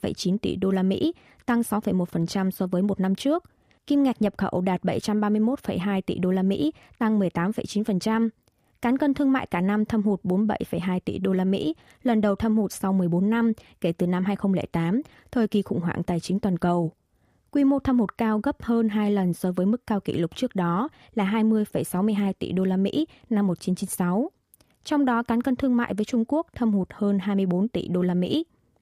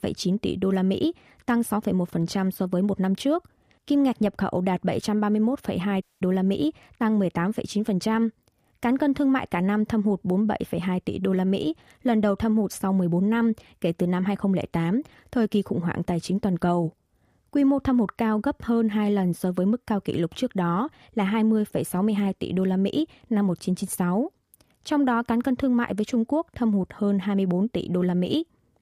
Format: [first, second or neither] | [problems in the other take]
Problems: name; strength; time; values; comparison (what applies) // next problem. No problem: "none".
first | audio cutting out; at 6 s